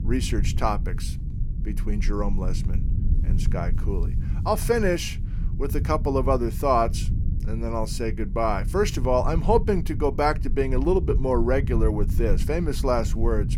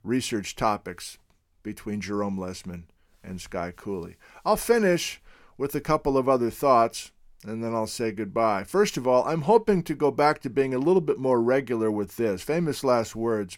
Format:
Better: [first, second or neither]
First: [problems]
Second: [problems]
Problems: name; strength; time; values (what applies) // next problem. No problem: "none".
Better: second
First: low rumble; noticeable; throughout; 15 dB below the speech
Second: none